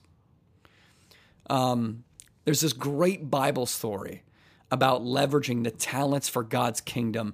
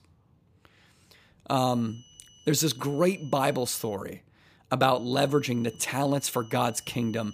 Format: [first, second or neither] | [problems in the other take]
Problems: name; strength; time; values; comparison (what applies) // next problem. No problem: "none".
first | high-pitched whine; faint; from 1.5 to 4 s and from 5 s on; 3 kHz, 25 dB below the speech